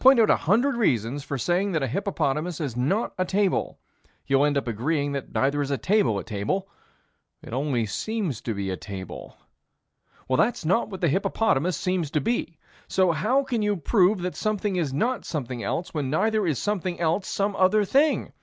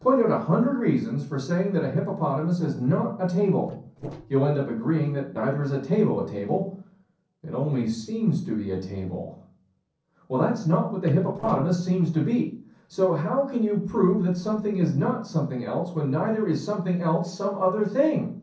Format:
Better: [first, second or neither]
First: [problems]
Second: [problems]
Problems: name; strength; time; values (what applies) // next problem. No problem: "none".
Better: first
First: none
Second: noise reduction (neural separator model SepFormer DNS4)